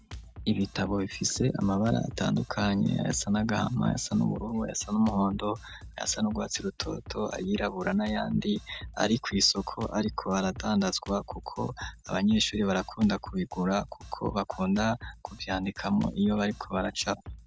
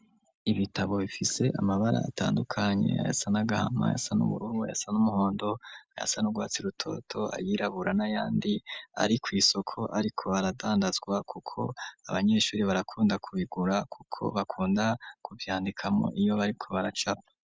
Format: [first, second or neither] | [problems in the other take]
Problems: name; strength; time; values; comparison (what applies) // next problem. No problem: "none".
second | background sound (Drum kit); 16 dB below the speech